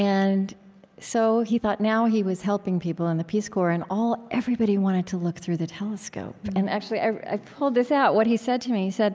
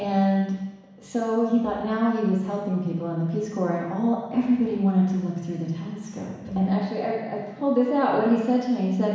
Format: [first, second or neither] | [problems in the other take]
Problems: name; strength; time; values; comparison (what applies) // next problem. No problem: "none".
first | room echo; dies away in 1.1 s